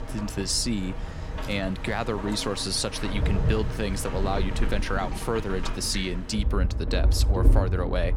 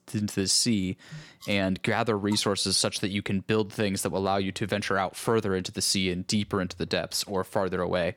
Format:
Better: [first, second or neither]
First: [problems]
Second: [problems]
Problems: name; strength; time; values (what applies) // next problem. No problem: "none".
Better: second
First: rain or running water; loud; throughout; as loud as the speech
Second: none